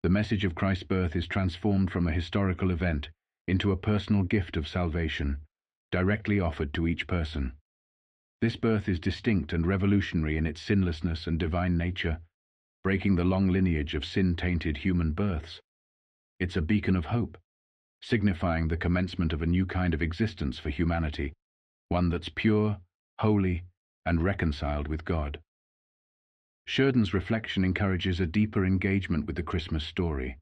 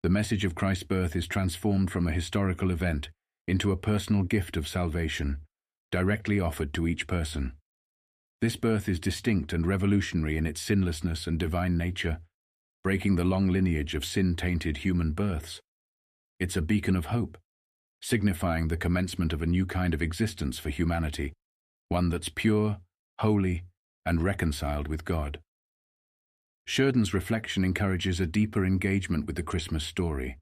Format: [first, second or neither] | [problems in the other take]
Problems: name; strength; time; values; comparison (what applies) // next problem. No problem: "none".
second | muffled; very slightly; fading above 4 kHz